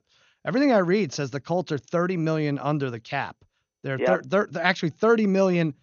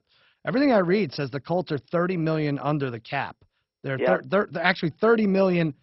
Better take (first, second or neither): first